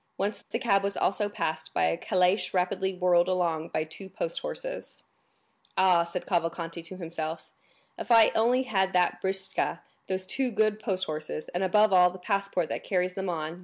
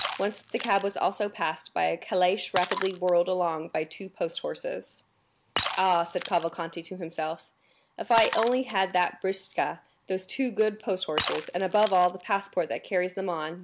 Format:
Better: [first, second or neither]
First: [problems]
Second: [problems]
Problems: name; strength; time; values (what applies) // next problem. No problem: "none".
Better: first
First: none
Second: background sound (Shatter); 12 dB below the speech